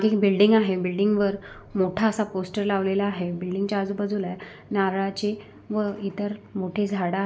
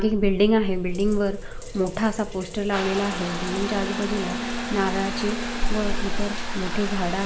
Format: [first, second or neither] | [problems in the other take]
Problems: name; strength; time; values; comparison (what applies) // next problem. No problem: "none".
first | background sound (Trickle, dribble / Bathtub (filling or washing) / Water tap, faucet); 2 dB below the speech